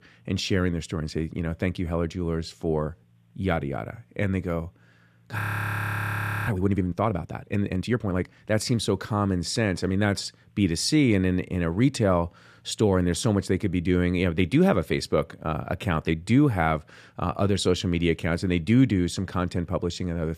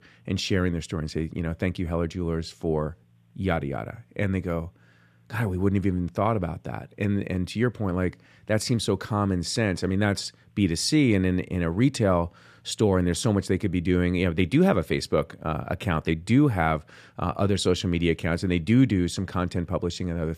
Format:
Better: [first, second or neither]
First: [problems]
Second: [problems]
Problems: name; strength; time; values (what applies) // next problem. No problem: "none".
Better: second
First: audio freezing; at 5.5 s for 1 s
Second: none